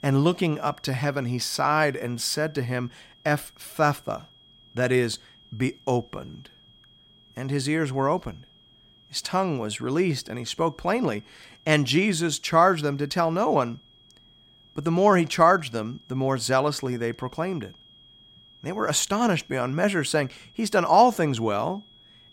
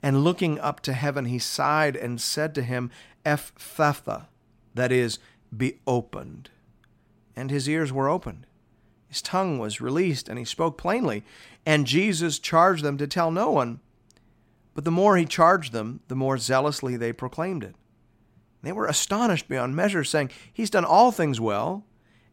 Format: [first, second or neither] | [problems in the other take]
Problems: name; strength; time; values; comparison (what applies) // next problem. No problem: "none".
second | high-pitched whine; faint; throughout; 3.5 kHz, 30 dB below the speech